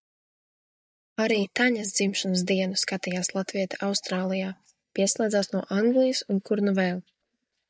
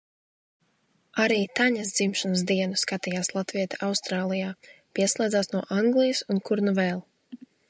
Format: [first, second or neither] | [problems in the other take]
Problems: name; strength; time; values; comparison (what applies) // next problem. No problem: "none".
second | noise reduction (neural mask model DeepFilterNet 3)